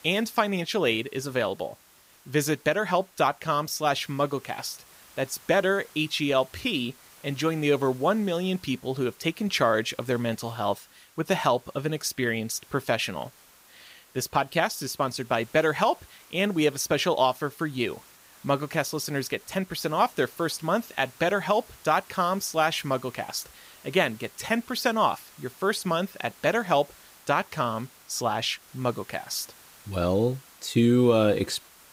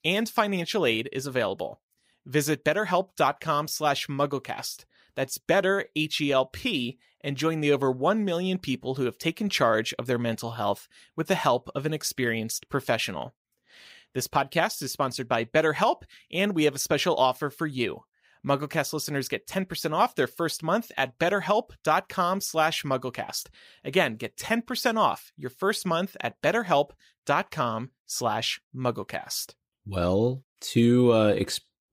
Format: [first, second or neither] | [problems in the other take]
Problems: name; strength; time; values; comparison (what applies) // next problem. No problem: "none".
second | hiss; faint; throughout; 25 dB below the speech